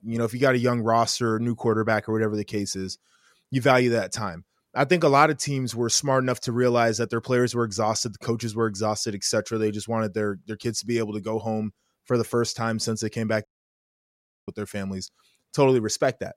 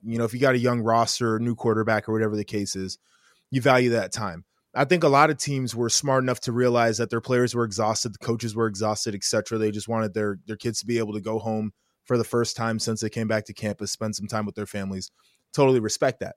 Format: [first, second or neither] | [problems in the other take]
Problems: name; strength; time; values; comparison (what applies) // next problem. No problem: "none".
second | audio cutting out; at 13 s for 1 s